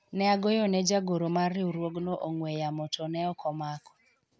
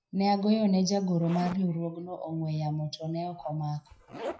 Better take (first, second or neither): first